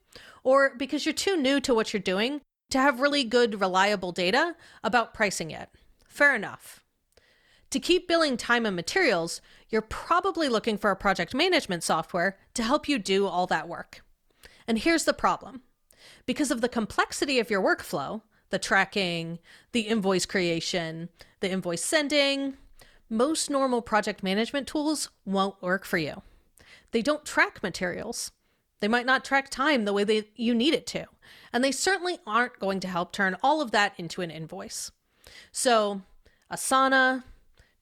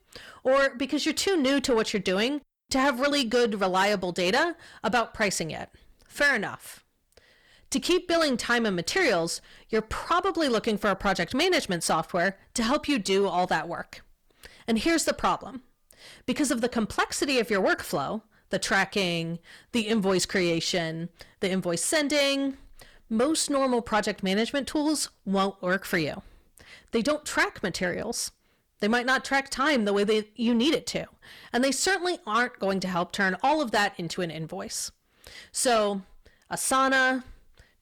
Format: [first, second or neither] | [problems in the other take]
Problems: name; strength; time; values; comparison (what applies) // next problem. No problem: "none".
first | distortion; slight; 10 dB below the speech